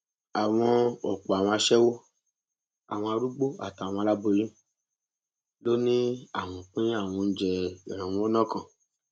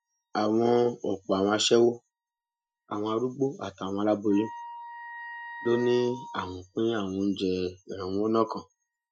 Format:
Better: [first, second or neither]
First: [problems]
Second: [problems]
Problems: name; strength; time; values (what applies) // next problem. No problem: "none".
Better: first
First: none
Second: noise reduction (classical method Wiener filter)